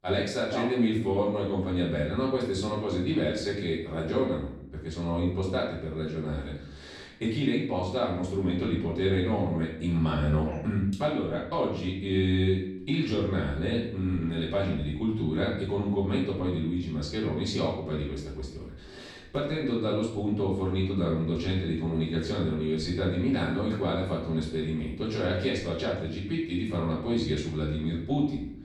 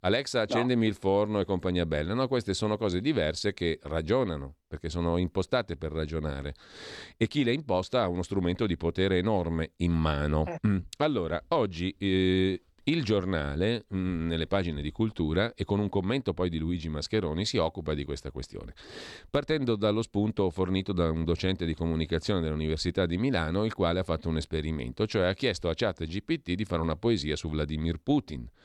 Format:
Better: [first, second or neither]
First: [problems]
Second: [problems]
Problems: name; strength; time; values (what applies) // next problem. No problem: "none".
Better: second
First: room echo; noticeable; dies away in 0.6 s // off-mic speech; far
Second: none